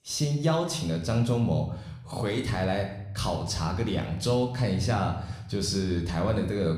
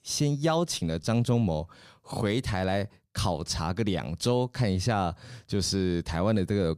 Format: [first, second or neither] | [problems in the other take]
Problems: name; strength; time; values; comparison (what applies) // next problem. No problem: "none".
second | room echo; slight; dies away in 0.7 s